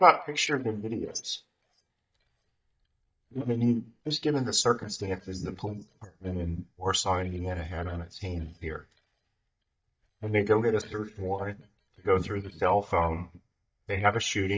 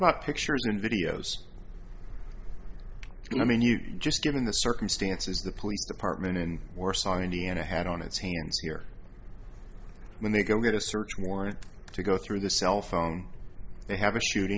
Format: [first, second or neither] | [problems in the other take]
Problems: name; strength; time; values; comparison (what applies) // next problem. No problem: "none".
second | noise reduction (neural mask model DeepFilterNet 3)